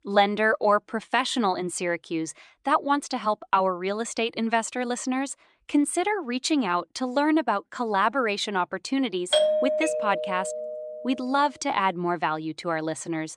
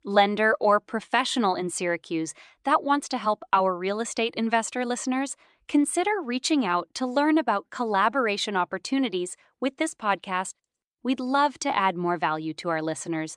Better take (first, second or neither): second